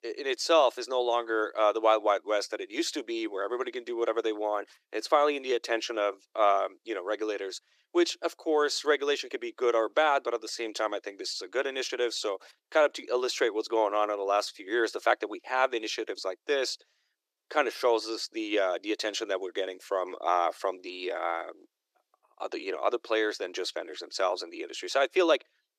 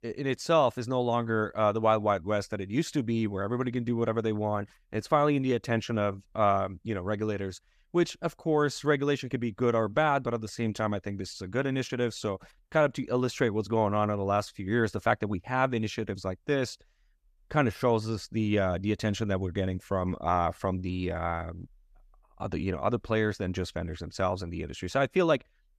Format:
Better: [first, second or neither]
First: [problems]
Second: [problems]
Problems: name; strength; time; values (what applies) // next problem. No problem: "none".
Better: second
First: thin; very; fading below 350 Hz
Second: none